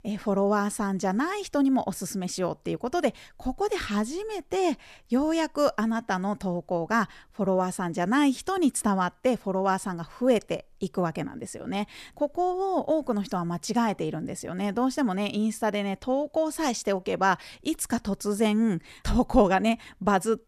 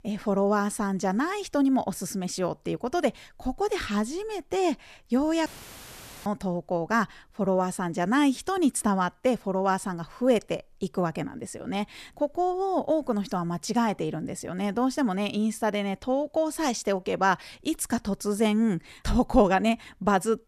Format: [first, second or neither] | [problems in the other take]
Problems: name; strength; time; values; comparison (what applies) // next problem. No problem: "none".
first | audio cutting out; filled with static; at 5.5 s for 1 s